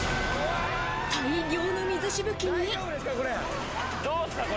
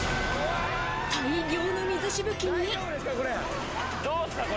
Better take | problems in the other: first | background sound (Electric guitar); 17 dB below the speech

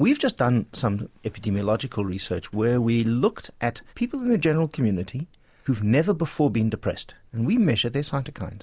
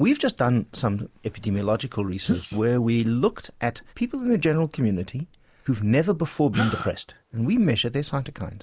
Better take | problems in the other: first | noise reduction (neural mask model Resemble Enhance denoiser)

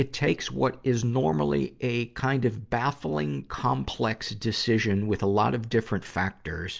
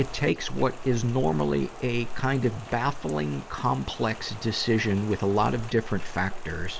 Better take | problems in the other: first | background sound (Rain); 8 dB below the speech

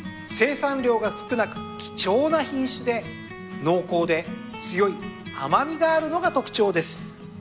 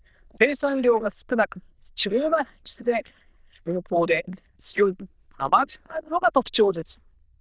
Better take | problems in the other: first | noise reduction (neural diffusion model UNIVERSE++)

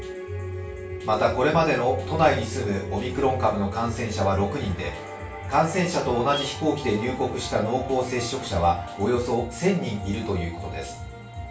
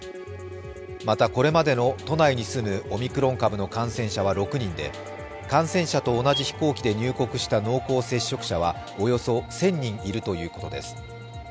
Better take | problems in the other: second | room echo; dies away in 0.3 s

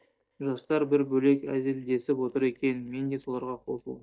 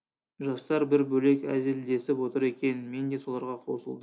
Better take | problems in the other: second | noise reduction (neural mask model DeepFilterNet 3)

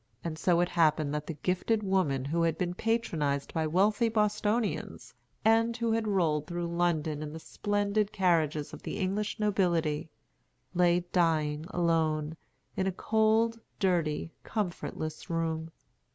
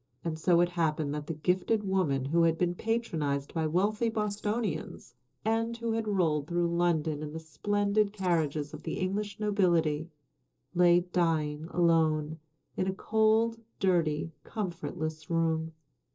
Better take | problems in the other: first | noise reduction (neural separator model SepFormer DNS4)

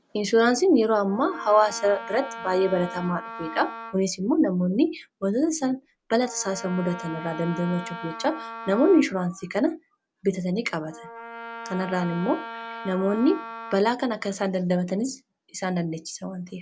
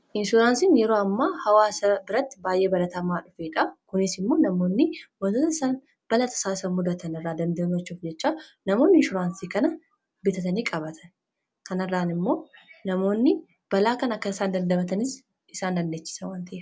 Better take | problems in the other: second | background sound (Wind instrument, woodwind instrument); 13 dB below the speech

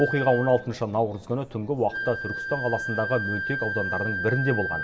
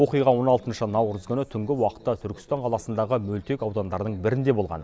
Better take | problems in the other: second | background sound (Wind instrument, woodwind instrument); 6 dB below the speech // room echo; dies away in 1 s

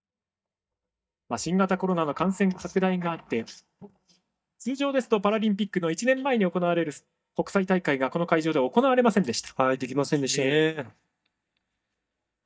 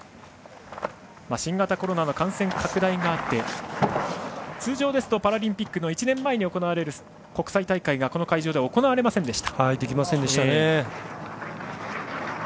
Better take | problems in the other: second | noise reduction (neural mask model DeepFilterNet 3)

